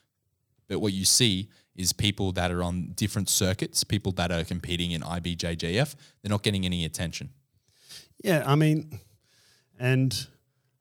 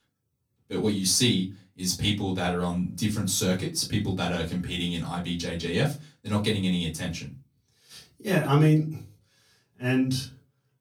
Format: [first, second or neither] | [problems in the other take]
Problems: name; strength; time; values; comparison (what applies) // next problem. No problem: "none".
first | off-mic speech; far // room echo; very slight; dies away in 0.2 s